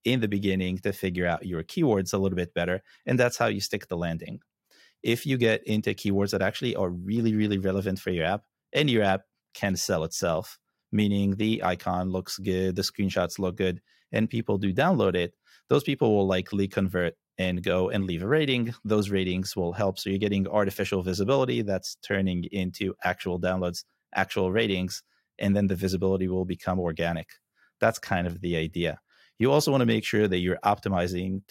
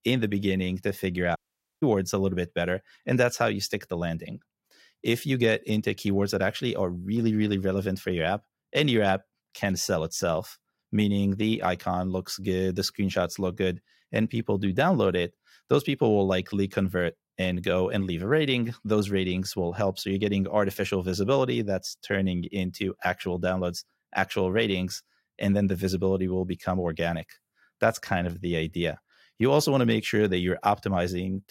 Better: first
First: none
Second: audio cutting out; at 1.5 s

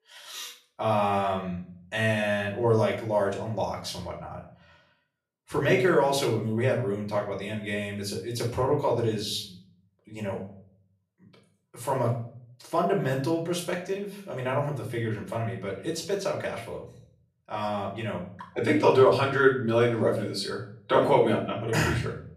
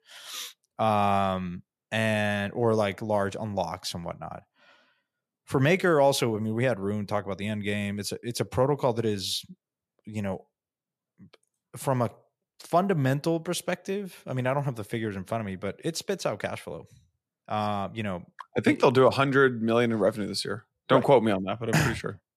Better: second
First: off-mic speech; far // room echo; slight; dies away in 0.4 s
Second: none

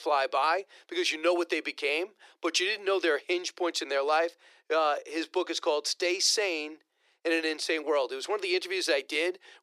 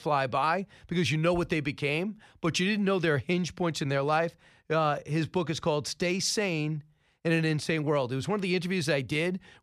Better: second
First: thin; very; fading below 350 Hz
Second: none

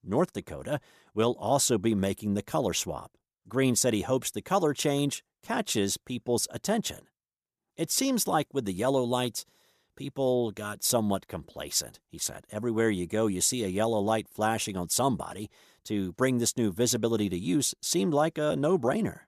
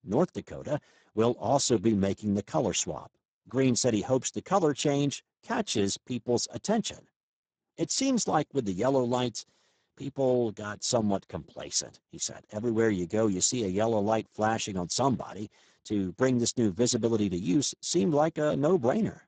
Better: first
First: none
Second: garbled, watery; badly; nothing above 7.5 kHz

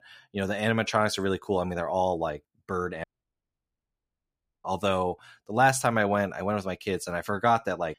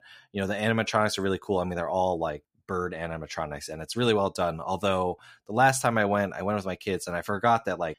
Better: second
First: audio cutting out; at 3 s for 1.5 s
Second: none

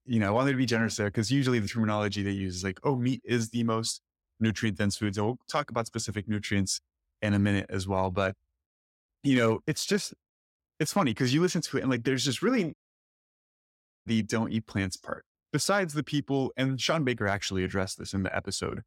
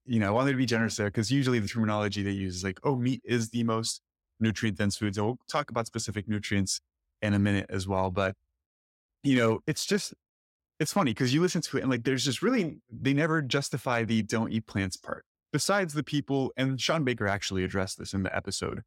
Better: second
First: audio cutting out; at 13 s for 1.5 s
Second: none

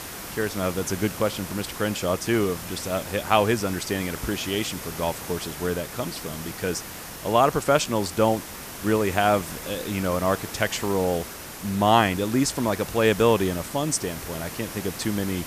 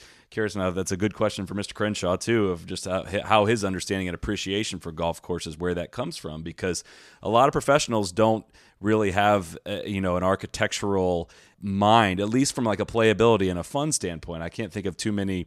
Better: second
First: hiss; noticeable; throughout; 10 dB below the speech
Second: none

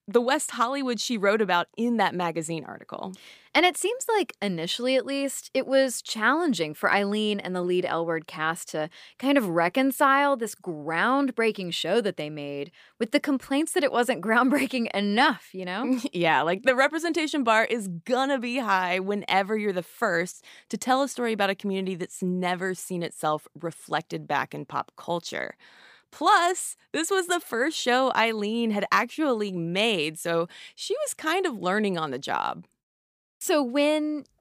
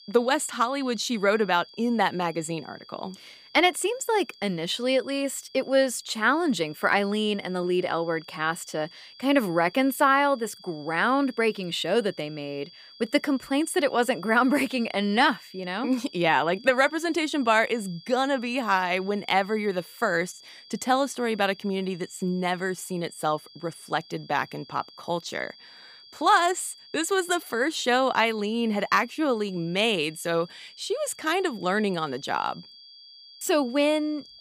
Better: first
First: none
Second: high-pitched whine; faint; throughout; 4.5 kHz, 20 dB below the speech

